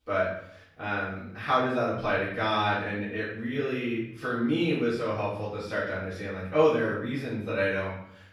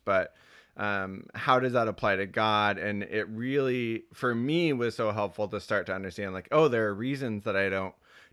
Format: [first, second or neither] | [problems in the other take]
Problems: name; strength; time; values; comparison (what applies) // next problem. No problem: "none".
second | off-mic speech; far // room echo; noticeable; dies away in 0.6 s